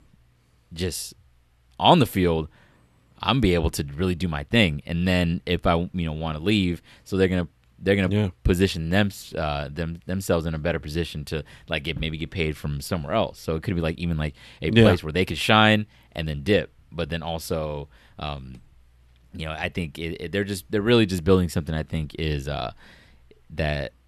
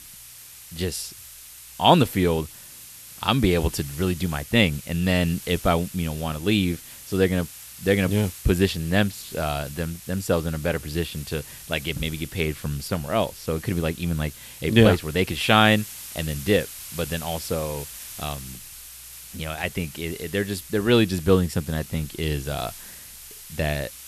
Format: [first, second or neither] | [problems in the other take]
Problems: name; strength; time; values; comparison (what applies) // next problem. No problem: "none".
first | hiss; noticeable; throughout; 15 dB below the speech